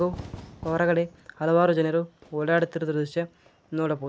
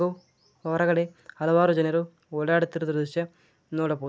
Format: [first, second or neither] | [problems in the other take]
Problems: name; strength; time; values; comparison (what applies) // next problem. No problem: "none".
second | background sound (Fire / Fireworks); 20 dB below the speech